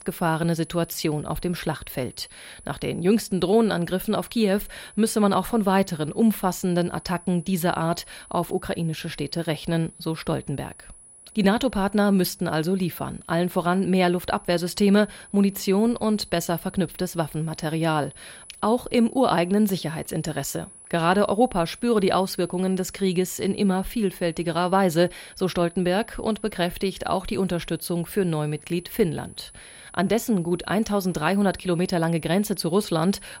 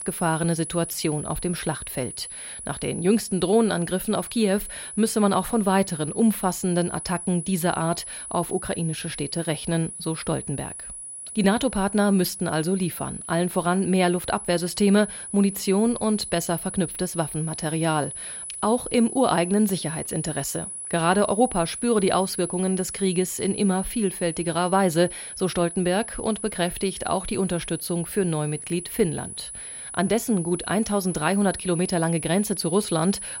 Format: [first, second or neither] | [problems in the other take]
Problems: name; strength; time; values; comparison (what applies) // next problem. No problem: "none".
first | high-pitched whine; loud; throughout; 10 kHz, 8 dB below the speech; faint in the first